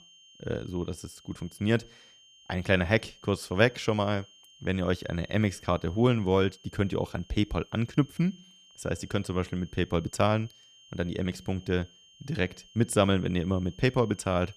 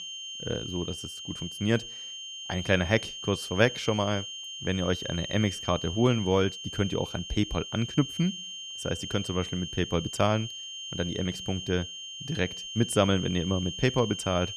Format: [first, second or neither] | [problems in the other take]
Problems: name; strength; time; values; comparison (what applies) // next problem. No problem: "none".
first | high-pitched whine; loud; throughout; 3 kHz, 8 dB below the speech; faint in the first